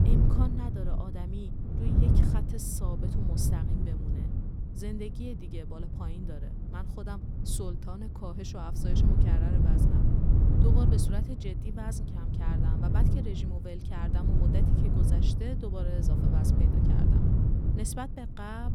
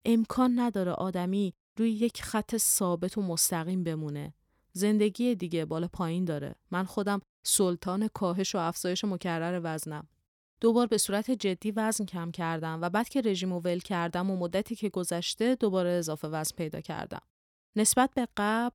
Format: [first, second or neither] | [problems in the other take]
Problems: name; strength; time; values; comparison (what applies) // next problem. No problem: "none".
second | wind noise on the microphone; heavy; 2 dB above the speech